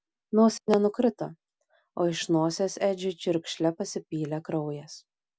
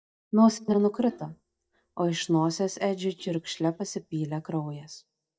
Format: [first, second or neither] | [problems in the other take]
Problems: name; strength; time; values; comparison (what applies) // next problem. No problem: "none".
first | noise reduction (neural mask model DeepFilterNet 3)